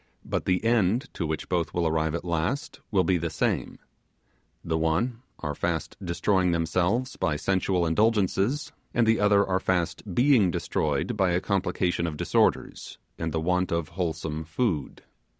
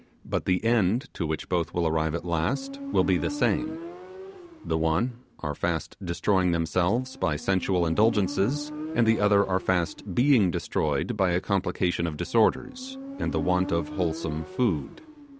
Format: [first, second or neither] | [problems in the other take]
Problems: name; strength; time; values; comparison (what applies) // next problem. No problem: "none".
first | background sound (Motorcycle); 13 dB below the speech